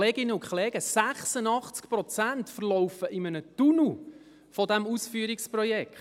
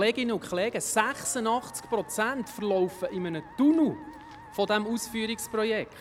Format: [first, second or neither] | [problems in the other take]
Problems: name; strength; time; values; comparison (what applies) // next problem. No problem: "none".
first | background sound (Musical instrument + Walk, footsteps / Bell); 19 dB below the speech